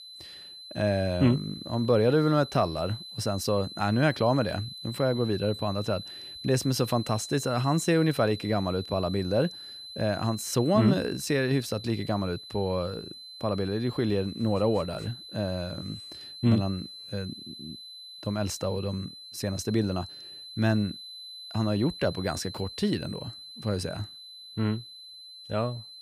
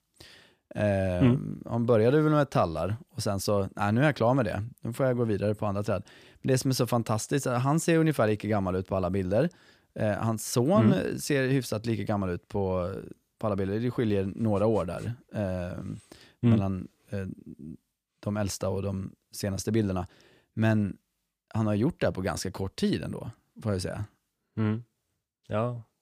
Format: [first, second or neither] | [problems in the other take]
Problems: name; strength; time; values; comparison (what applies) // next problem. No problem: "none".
second | high-pitched whine; noticeable; throughout; 4 kHz, 15 dB below the speech